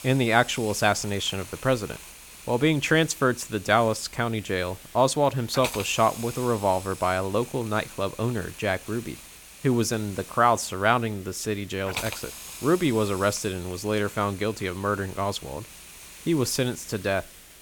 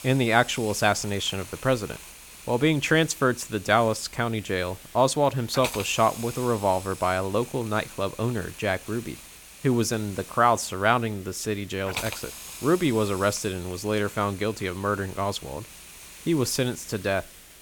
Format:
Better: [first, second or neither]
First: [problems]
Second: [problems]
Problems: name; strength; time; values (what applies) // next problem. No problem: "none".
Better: neither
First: hiss; noticeable; throughout; 15 dB below the speech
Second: hiss; noticeable; throughout; 15 dB below the speech